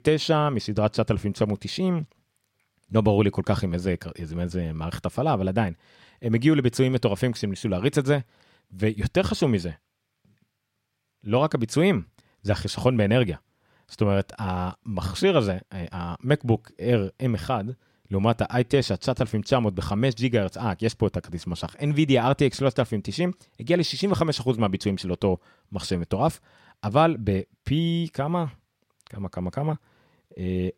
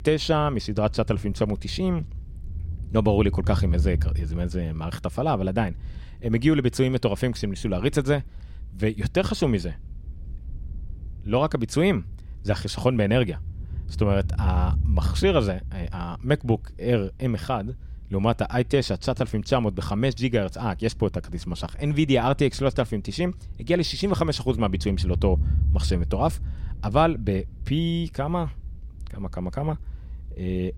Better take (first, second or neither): first